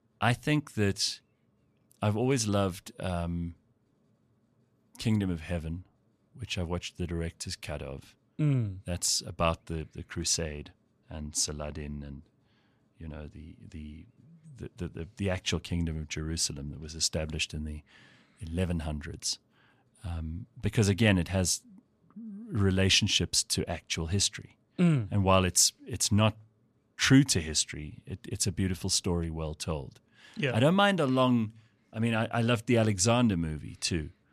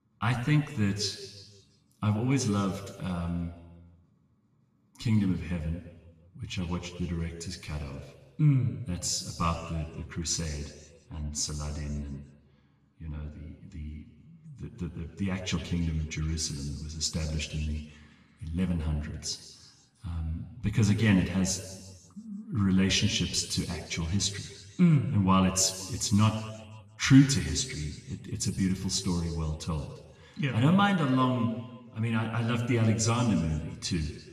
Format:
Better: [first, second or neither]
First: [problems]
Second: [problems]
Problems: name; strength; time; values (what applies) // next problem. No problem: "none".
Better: first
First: none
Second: room echo; noticeable; dies away in 1.3 s // off-mic speech; somewhat distant